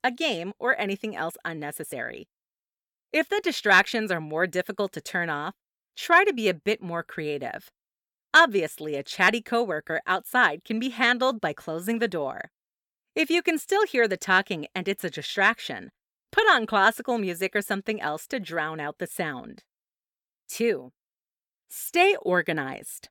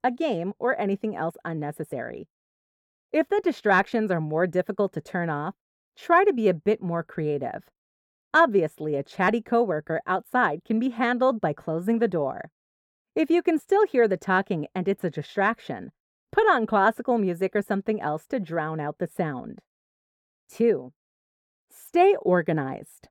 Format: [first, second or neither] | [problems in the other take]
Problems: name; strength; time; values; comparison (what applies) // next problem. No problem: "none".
first | muffled; slightly; fading above 1.5 kHz